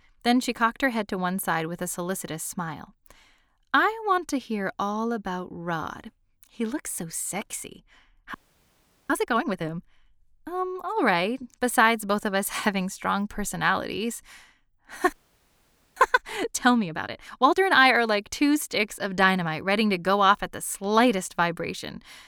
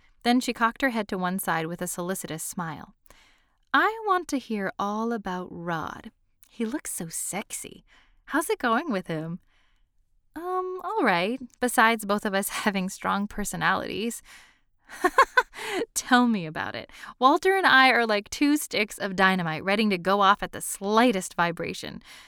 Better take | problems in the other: second | audio freezing; at 8.5 s for 1 s and at 15 s for 1 s

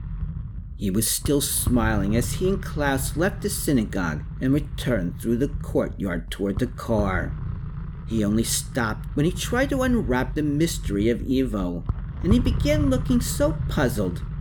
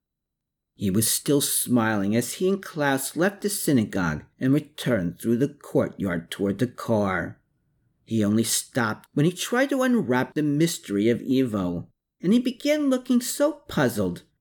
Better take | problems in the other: second | low rumble; noticeable; throughout; 15 dB below the speech

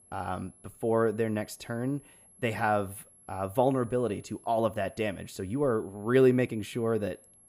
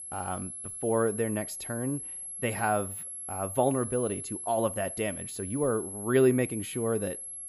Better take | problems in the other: first | high-pitched whine; loud; throughout; 11 kHz, 7 dB below the speech; faint in the first

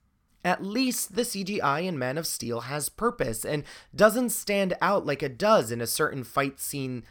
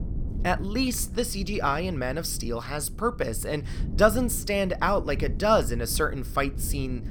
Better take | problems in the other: first | low rumble; faint; throughout; 20 dB below the speech

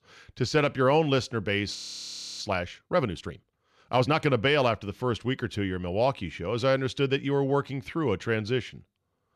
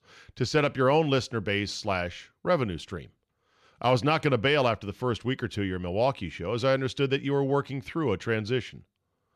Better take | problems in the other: second | audio freezing; at 2 s for 0.5 s

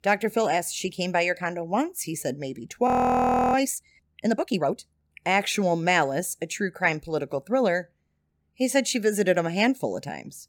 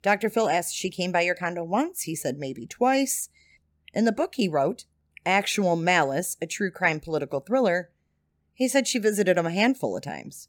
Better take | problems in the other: second | audio freezing; at 3 s for 0.5 s

